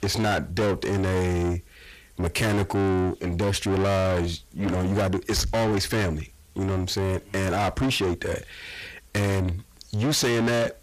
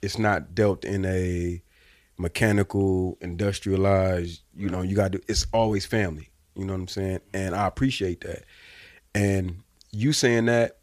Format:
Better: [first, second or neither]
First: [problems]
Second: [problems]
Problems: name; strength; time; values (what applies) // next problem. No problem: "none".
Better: second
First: distortion; heavy; 6 dB below the speech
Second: none